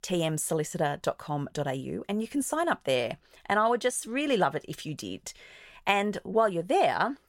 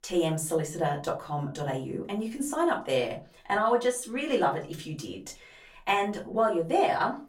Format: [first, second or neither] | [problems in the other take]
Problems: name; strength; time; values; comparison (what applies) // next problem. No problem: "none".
first | off-mic speech; far // room echo; very slight; dies away in 0.2 s